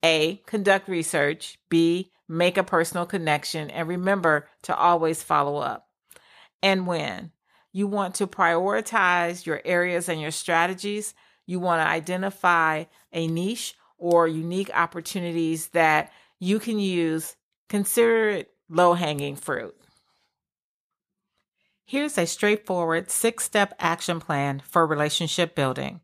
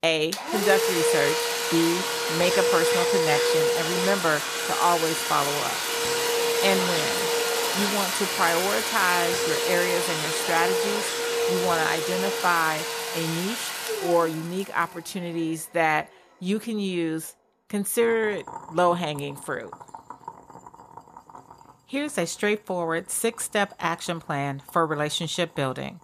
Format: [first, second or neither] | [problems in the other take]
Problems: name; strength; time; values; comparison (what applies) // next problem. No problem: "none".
first | household noises; very loud; throughout; 2 dB above the speech